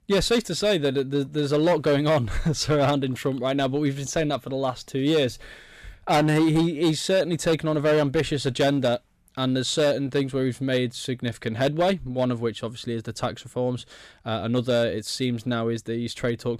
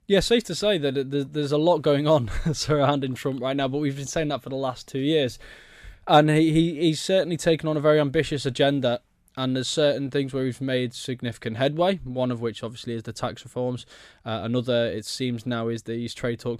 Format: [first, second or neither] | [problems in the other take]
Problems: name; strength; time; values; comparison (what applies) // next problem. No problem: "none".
second | distortion; slight; 6% of the sound clipped